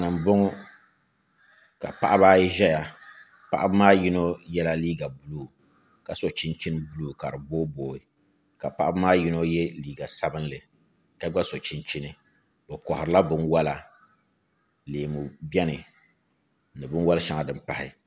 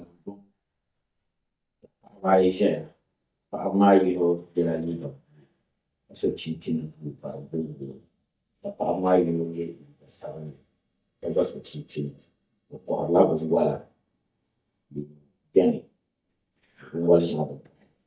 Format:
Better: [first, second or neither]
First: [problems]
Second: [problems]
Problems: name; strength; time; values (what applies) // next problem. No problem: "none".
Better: first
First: none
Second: noise reduction (neural mask model DeepFilterNet 3)